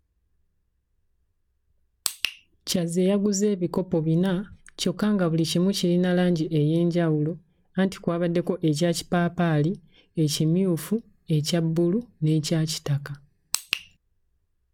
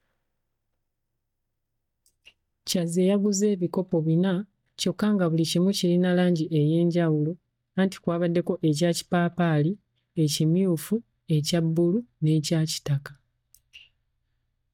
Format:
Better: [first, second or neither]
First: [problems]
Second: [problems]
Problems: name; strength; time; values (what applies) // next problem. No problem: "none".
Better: first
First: none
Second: noise reduction (neural mask model DeepFilterNet 3)